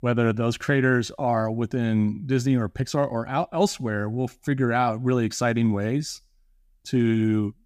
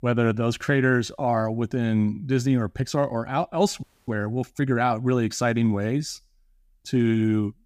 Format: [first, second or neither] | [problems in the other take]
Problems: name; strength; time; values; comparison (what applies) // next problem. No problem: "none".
first | audio freezing; at 4 s